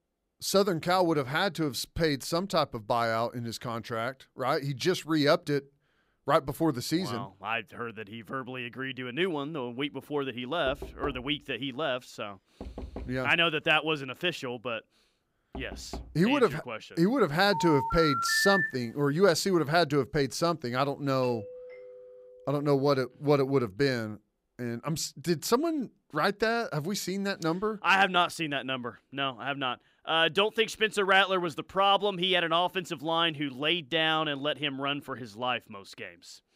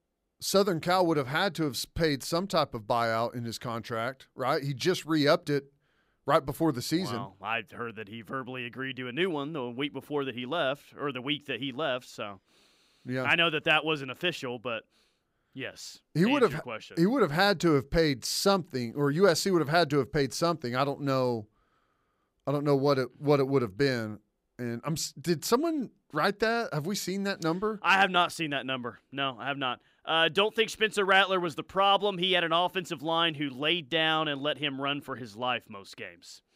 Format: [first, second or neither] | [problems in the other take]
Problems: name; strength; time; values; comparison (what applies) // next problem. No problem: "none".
second | door banging; faint; from 11 to 16 s; peak 10 dB below the speech // phone ringing; loud; from 18 to 19 s; peak 2 dB above the speech // doorbell; faint; from 21 to 23 s; peak 15 dB below the speech